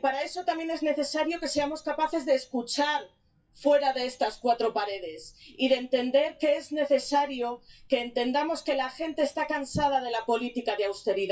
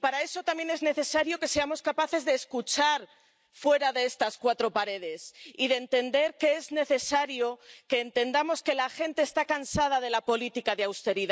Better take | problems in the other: second | noise reduction (classical method WPE with log-MMSE)

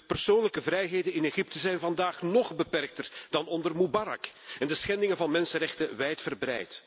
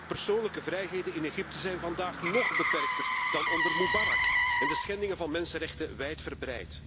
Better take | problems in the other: first | background sound (Motor vehicle (road)); 2 dB above the speech

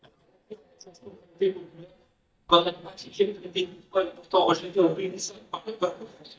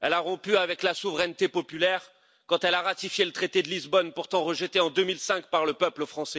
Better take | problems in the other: second | noise reduction (neural mask model DeepFilterNet 3)

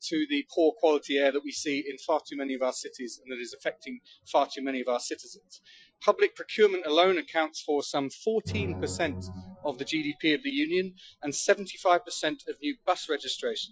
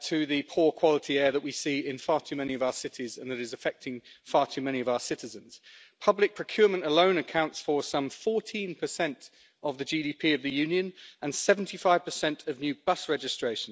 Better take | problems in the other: second | noise reduction (classical method Wiener filter)

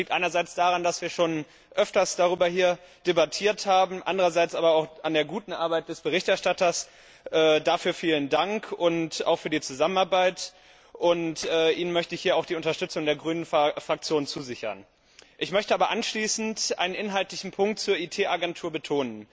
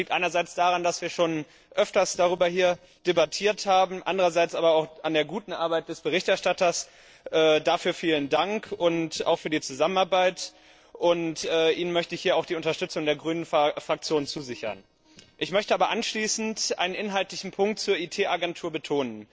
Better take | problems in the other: first | noise reduction (neural separator model SepFormer DNS4)

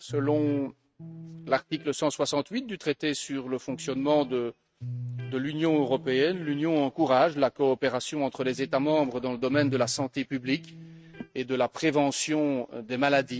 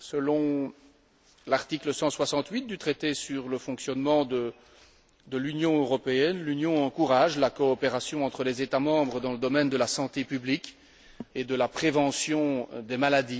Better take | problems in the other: second | noise reduction (neural mask model RNNoise)

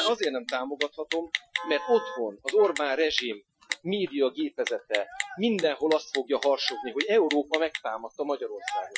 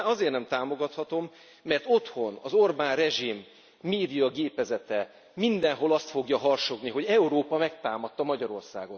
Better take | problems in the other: second | noise reduction (classical method Wiener filter)

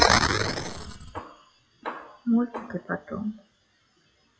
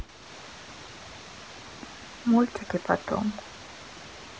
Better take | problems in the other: second | noise reduction (classical method WPE with log-MMSE)

